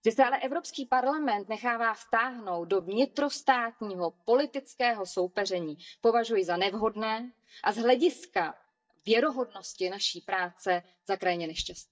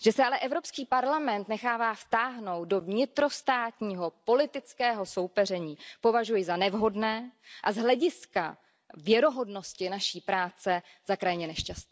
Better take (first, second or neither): second